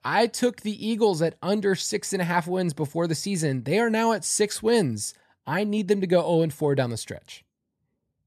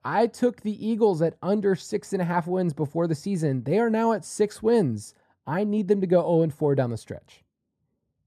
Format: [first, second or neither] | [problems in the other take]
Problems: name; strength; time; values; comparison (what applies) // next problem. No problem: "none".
first | muffled; slightly; fading above 1.5 kHz